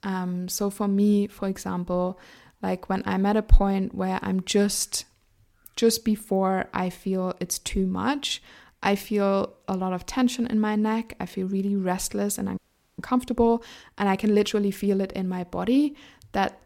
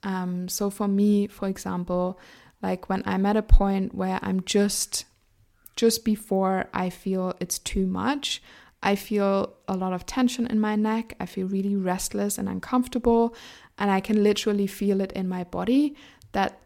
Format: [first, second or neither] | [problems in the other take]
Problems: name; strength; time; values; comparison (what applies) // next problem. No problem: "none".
second | audio freezing; at 13 s